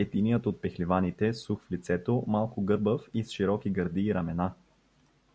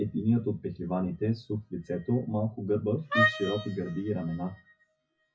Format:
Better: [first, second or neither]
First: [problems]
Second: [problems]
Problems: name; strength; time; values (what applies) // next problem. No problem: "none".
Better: first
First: none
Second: noise reduction (classical method WPE with log-MMSE)